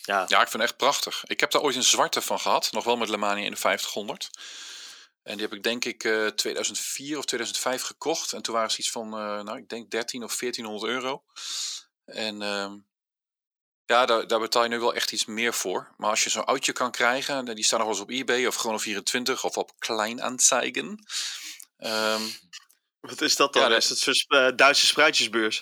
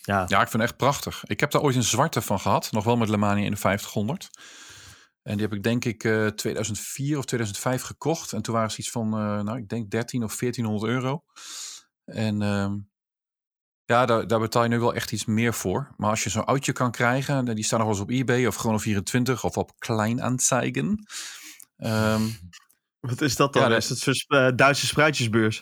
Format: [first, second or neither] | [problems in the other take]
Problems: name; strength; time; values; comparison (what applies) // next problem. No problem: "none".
second | thin; somewhat; fading below 300 Hz